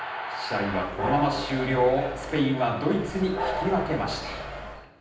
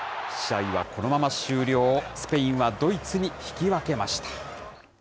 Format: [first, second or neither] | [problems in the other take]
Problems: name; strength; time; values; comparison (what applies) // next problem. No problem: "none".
second | background sound (Train); 8 dB below the speech // room echo; dies away in 0.9 s